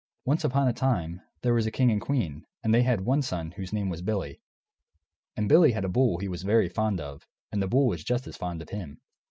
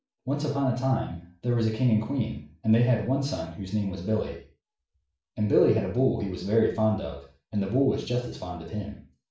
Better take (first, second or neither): first